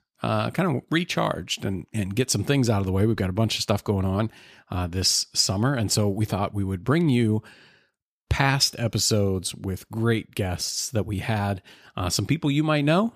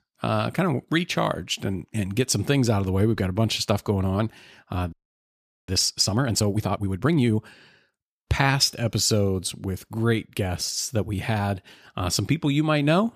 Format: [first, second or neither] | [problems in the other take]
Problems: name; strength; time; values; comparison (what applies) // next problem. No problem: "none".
first | audio freezing; at 5 s for 1 s